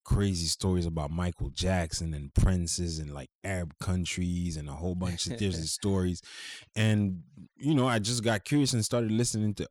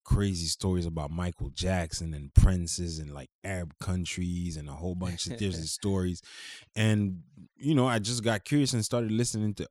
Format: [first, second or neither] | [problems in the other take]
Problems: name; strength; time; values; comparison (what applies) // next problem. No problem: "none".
second | distortion; slight; 10 dB below the speech